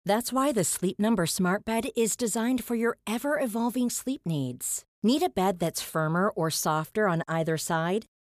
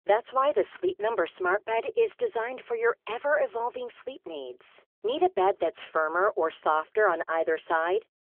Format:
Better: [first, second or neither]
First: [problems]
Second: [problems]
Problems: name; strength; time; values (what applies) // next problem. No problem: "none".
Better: first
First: none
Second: phone-call audio; nothing above 3.5 kHz